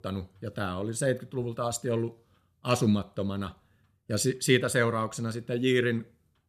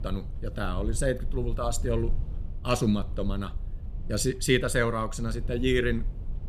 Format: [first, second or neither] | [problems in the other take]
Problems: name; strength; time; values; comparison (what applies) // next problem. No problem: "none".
first | low rumble; faint; throughout; 20 dB below the speech